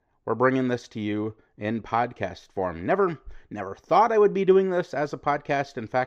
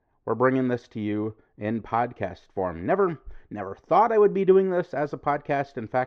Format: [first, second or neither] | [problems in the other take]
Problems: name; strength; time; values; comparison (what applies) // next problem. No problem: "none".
first | muffled; slightly; fading above 1.5 kHz